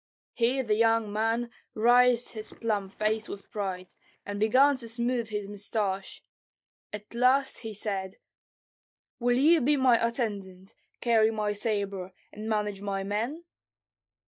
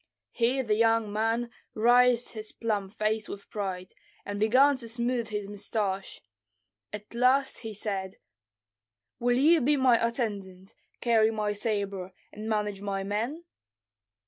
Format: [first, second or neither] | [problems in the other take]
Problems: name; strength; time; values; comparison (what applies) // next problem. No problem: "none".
second | noise reduction (neural mask model DeepFilterNet 3)